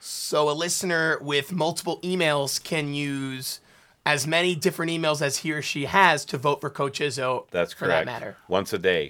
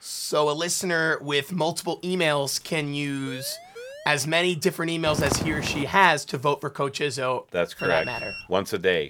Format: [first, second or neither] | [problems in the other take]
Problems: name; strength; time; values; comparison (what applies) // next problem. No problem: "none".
first | siren; faint; at 3.5 s; peak 15 dB below the speech // footsteps; noticeable; at 5 s; peak 3 dB below the speech // alarm; noticeable; at 8 s; peak 8 dB below the speech